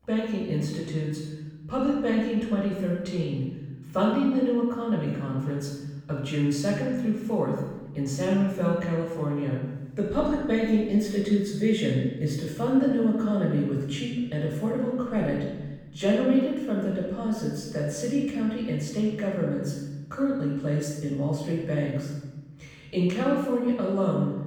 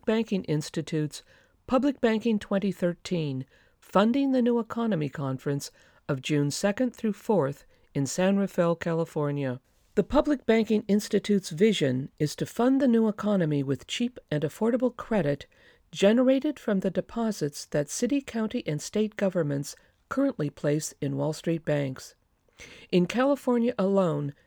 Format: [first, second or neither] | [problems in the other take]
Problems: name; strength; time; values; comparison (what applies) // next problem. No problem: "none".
second | off-mic speech; far // room echo; noticeable; dies away in 1.2 s